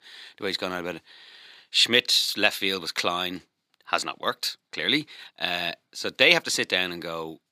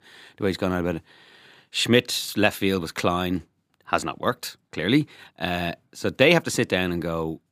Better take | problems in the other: second | thin; very slightly; fading below 600 Hz

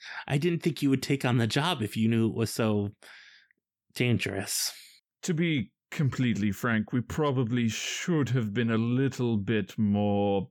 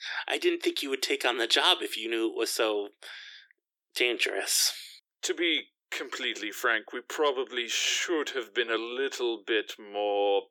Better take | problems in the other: first | thin; very; fading below 350 Hz

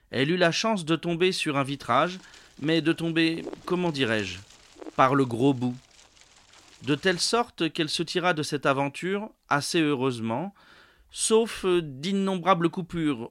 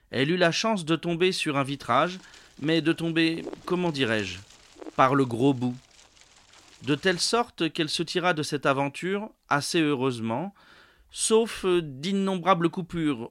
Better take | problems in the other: neither | wind noise on the microphone; occasional gusts; from 2 to 7.5 s; 25 dB below the speech; the same in both

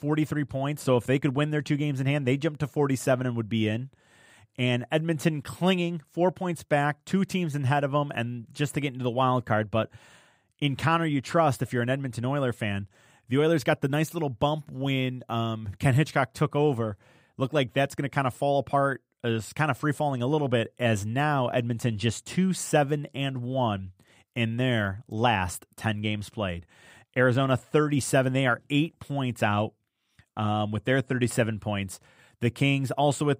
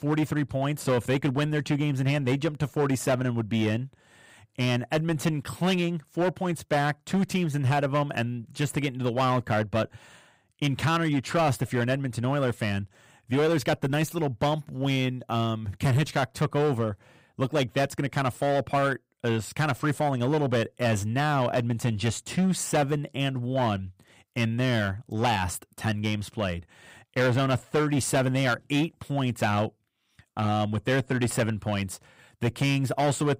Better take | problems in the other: first | distortion; slight; 9% of the sound clipped

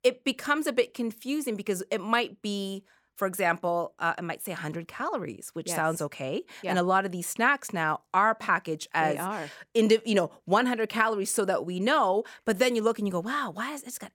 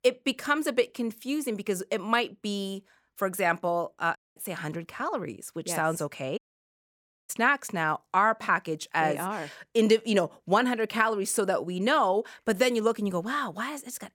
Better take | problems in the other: first | audio cutting out; at 4 s and at 6.5 s for 1 s

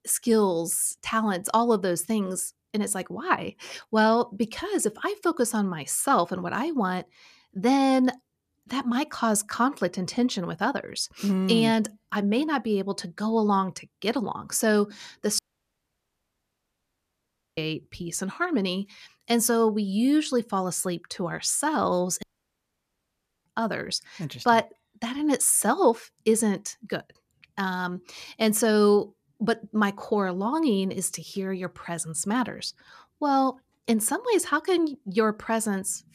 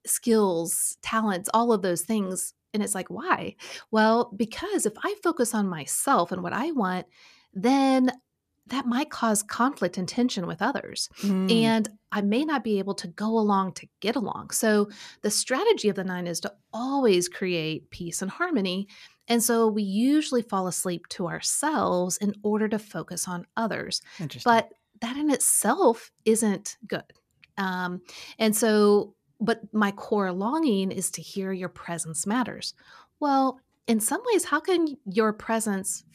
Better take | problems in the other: second | audio cutting out; at 15 s for 2 s and at 22 s for 1 s

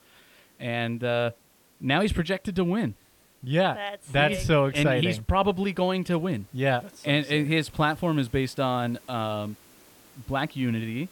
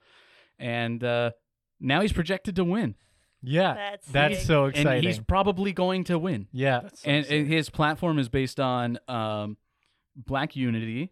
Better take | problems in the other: second | hiss; faint; throughout; 30 dB below the speech

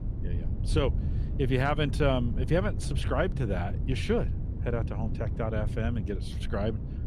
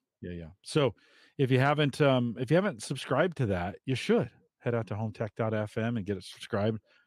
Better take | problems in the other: second | low rumble; noticeable; throughout; 15 dB below the speech

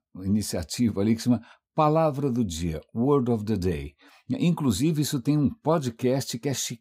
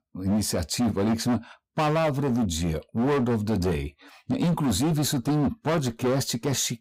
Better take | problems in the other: first | distortion; heavy; 20% of the sound clipped

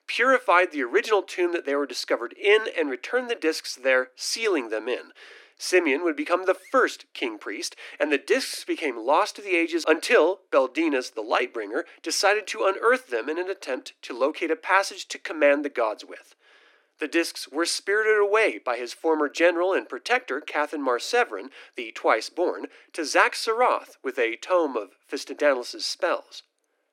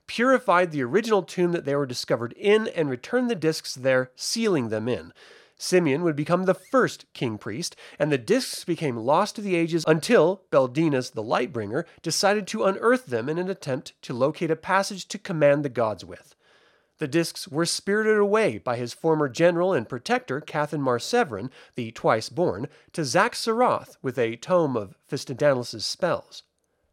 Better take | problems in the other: second | thin; somewhat; fading below 300 Hz

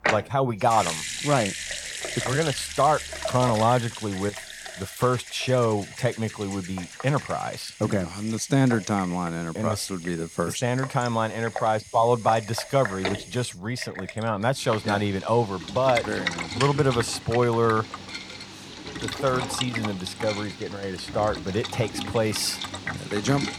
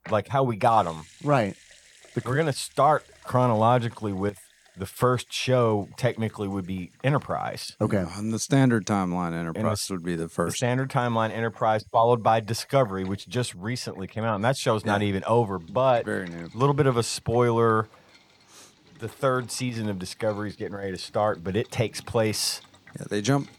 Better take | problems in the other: second | household noises; loud; throughout; 8 dB below the speech; faint in the second

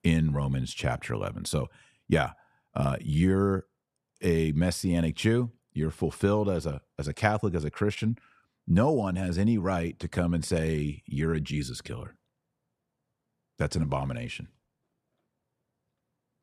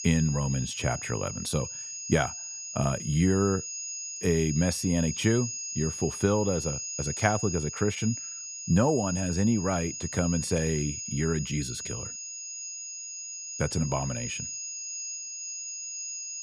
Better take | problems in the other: first | high-pitched whine; loud; throughout; 6.5 kHz, 6 dB below the speech

